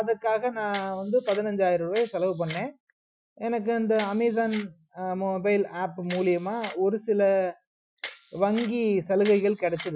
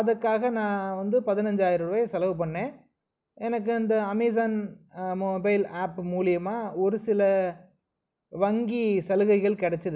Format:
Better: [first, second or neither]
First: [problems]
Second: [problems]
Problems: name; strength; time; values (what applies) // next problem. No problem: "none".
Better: second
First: noise reduction (classical method Wiener filter)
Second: none